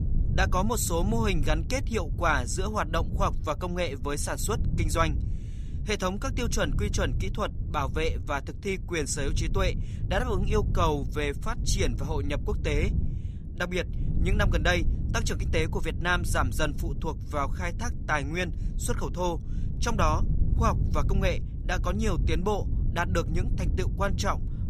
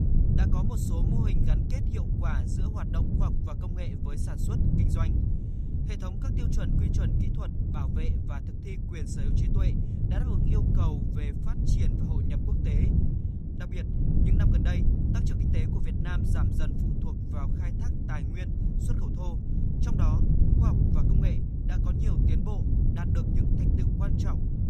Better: first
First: wind noise on the microphone; occasional gusts; 15 dB below the speech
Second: wind noise on the microphone; heavy; 4 dB above the speech

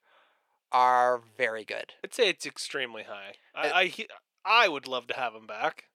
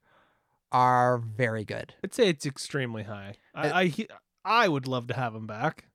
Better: second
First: thin; very; fading below 550 Hz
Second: none

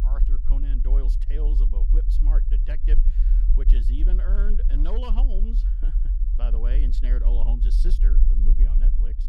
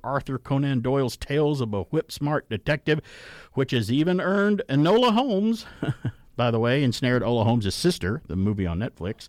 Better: second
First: low rumble; loud; throughout; 5 dB below the speech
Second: none

